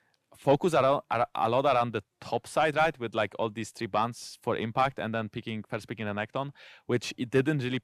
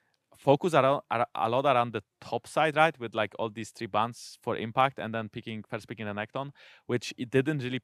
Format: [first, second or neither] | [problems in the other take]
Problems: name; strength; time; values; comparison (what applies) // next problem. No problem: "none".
second | distortion; slight; 10 dB below the speech